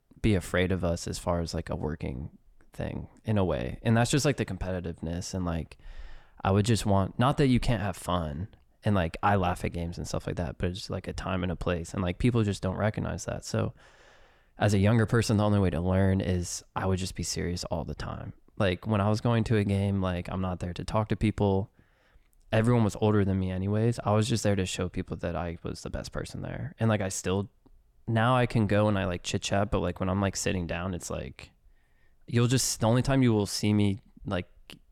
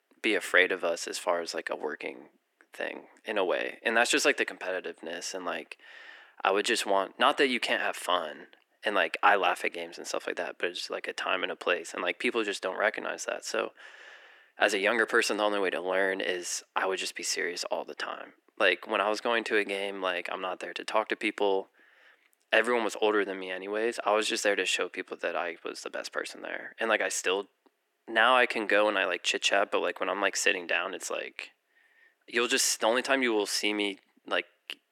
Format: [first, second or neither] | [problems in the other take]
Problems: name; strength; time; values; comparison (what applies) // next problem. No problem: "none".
first | thin; very; fading below 300 Hz